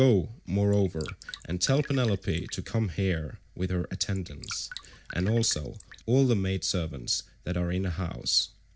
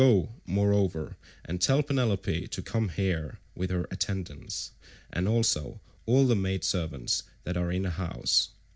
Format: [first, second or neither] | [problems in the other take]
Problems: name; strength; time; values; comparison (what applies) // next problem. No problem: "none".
second | background sound (Drip); 18 dB below the speech